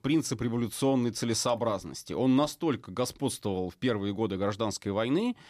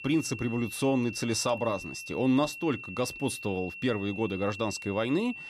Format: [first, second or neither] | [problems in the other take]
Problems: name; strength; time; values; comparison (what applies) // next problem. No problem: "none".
first | high-pitched whine; noticeable; throughout; 2.5 kHz, 10 dB below the speech